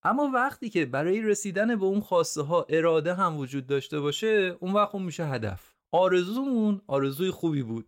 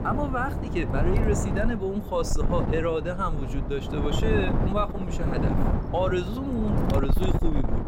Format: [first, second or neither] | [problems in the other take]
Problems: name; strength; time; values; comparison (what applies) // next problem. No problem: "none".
first | wind noise on the microphone; heavy; 5 dB below the speech